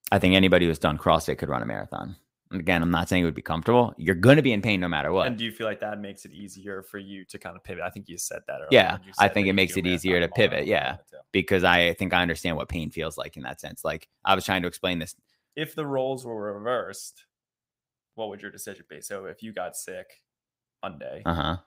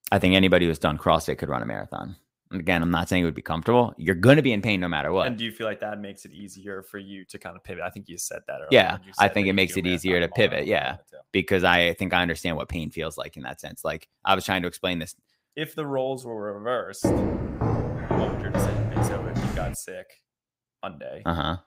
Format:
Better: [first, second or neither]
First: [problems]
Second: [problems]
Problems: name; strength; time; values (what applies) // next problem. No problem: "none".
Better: first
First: none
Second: footsteps; noticeable; from 17 to 20 s; peak level with the speech